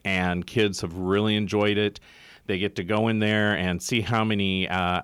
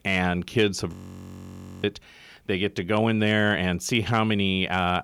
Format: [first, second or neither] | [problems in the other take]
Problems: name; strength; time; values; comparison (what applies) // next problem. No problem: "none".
first | audio freezing; at 1 s for 1 s